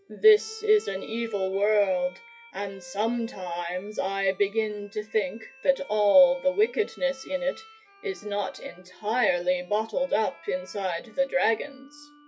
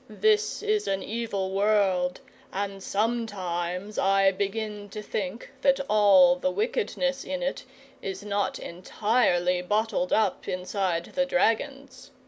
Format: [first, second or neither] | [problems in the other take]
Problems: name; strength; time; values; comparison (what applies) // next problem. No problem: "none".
second | noise reduction (classical method WPE with log-MMSE)